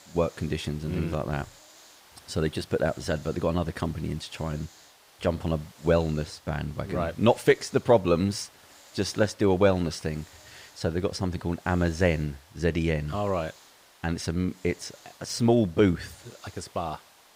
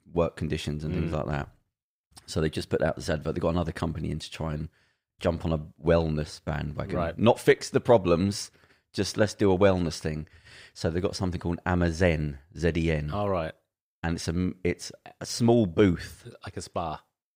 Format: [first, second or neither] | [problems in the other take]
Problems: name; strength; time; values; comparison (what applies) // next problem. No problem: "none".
second | hiss; faint; throughout; 25 dB below the speech